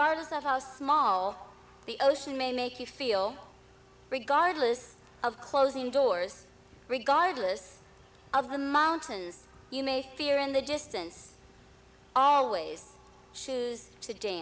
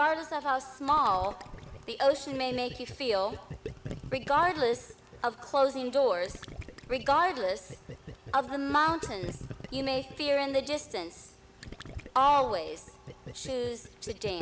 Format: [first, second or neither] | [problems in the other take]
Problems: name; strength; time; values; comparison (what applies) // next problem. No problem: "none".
first | background sound (Gurgling); 15 dB below the speech